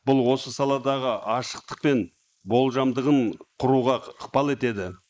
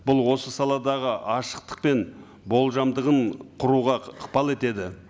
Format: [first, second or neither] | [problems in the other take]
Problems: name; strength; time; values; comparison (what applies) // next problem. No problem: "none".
second | noise reduction (neural mask model Resemble Enhance denoiser)